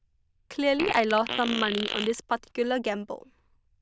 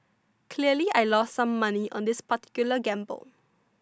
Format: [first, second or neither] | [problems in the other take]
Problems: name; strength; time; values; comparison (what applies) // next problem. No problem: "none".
second | noise reduction (neural diffusion model UNIVERSE++)